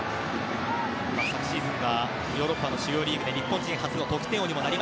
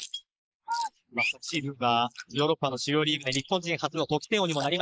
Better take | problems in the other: first | noise reduction (neural mask model Resemble Enhance denoiser)

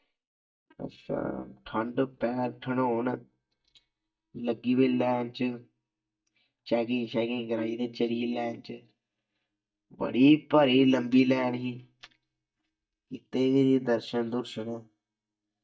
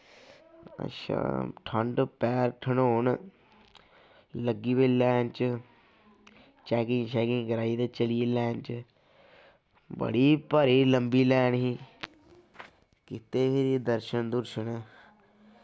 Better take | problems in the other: second | noise reduction (neural mask model DeepFilterNet 3)

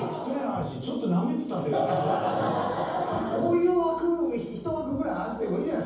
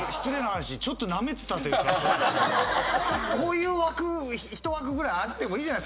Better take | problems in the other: second | room echo; dies away in 0.9 s

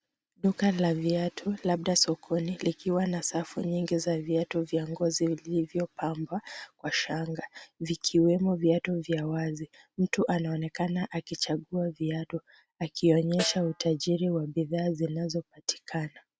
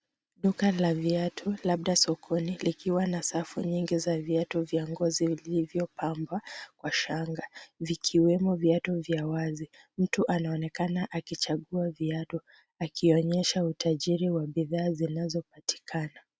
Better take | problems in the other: second | background sound (Snare drum); 13 dB below the speech

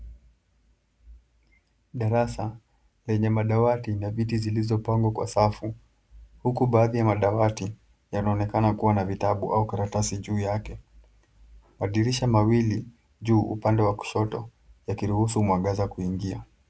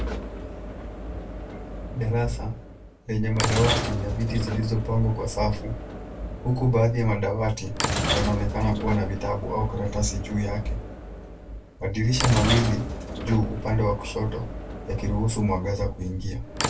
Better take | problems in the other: first | background sound (Sliding door / Train); 6 dB below the speech // room echo; dies away in 0.2 s

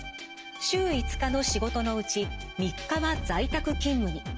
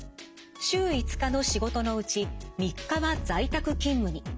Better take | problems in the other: second | background sound (Bowed string instrument); 14 dB below the speech

